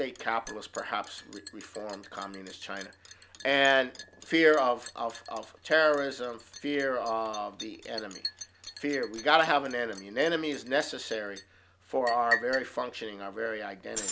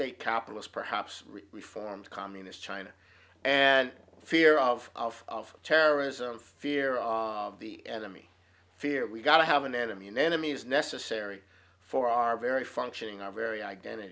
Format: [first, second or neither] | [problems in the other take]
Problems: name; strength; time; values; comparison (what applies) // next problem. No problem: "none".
second | background sound (Liquid); 12 dB below the speech